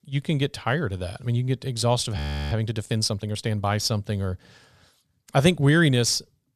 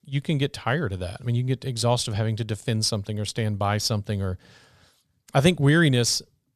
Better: second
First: audio freezing; at 2 s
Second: none

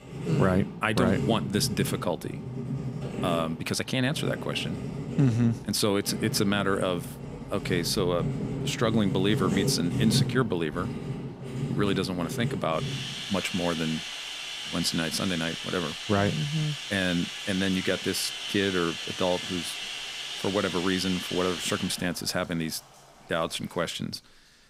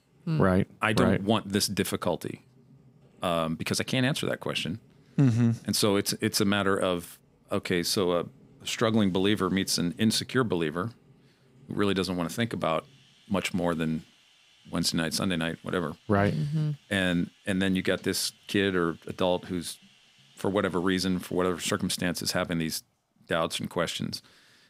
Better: second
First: household noises; loud; throughout; 5 dB below the speech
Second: household noises; faint; throughout; 30 dB below the speech

